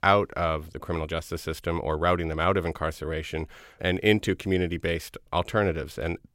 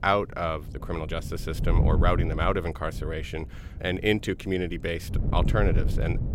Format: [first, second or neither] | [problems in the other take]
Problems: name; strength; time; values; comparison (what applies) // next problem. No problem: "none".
first | wind noise on the microphone; occasional gusts; 10 dB below the speech